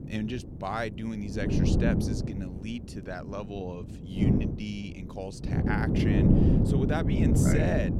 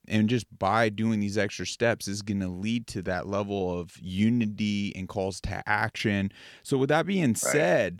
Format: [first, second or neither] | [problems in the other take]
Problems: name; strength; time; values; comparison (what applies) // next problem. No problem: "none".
second | wind noise on the microphone; heavy; 3 dB above the speech